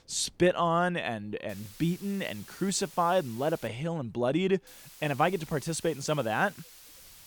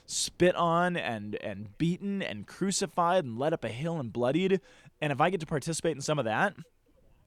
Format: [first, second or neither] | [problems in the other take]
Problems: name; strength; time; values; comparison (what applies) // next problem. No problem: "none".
second | hiss; noticeable; from 1.5 to 3.5 s and from 4.5 s on; 20 dB below the speech